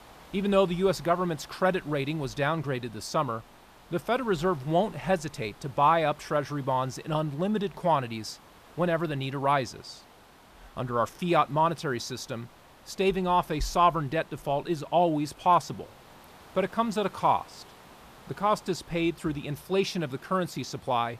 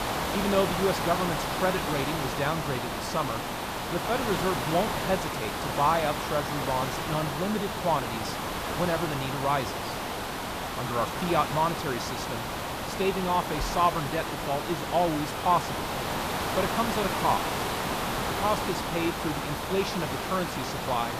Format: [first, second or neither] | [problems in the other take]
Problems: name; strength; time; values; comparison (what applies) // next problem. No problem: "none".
first | hiss; loud; throughout; 1 dB below the speech; faint in the first